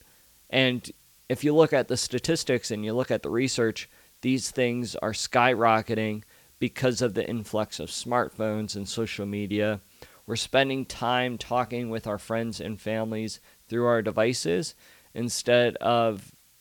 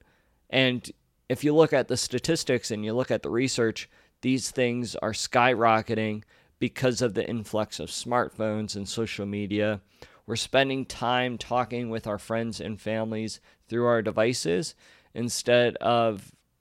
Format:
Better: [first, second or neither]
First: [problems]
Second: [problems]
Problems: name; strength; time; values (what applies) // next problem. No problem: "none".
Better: second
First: hiss; faint; throughout; 30 dB below the speech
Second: none